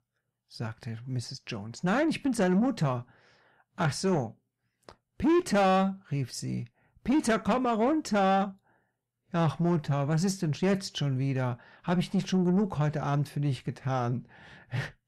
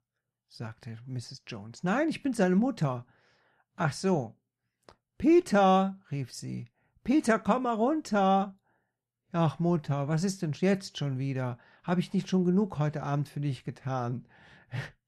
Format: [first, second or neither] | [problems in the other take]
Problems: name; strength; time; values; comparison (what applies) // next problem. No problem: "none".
second | distortion; slight; 10 dB below the speech